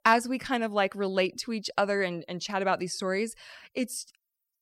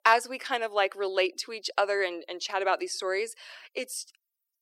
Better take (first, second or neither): first